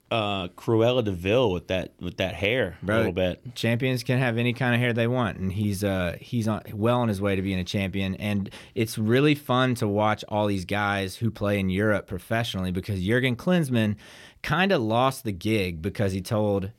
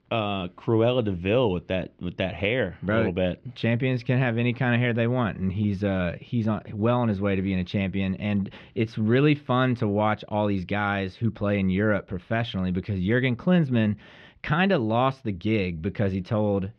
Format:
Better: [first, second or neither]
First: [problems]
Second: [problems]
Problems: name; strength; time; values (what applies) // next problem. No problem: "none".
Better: first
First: none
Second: muffled; slightly; fading above 3.5 kHz